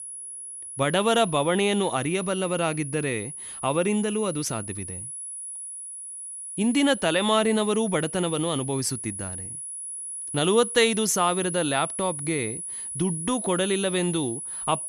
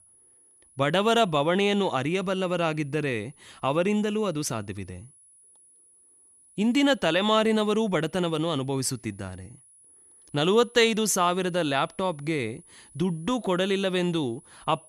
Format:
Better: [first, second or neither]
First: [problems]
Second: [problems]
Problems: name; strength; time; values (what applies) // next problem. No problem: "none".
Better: second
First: high-pitched whine; loud; throughout; 10.5 kHz, 8 dB below the speech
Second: high-pitched whine; faint; throughout; 10.5 kHz, 30 dB below the speech